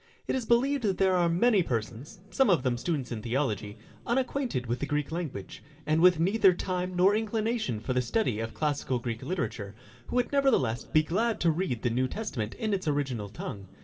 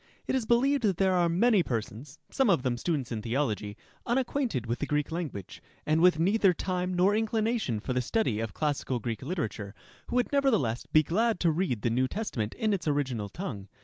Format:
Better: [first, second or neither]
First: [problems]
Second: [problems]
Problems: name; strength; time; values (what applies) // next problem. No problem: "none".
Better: second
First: room echo; dies away in 1.7 s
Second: none